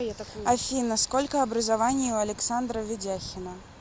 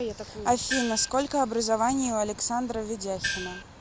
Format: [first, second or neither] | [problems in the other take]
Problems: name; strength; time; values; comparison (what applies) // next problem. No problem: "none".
first | background sound (Gong); 4 dB below the speech